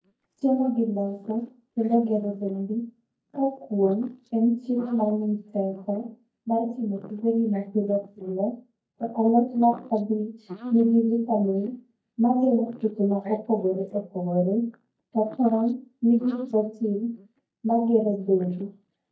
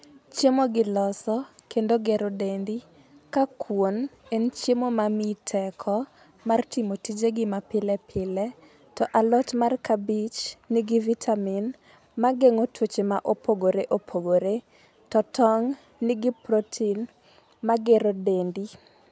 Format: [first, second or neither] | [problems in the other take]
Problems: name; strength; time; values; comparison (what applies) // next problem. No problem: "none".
second | noise reduction (neural mask model DeepFilterNet 3)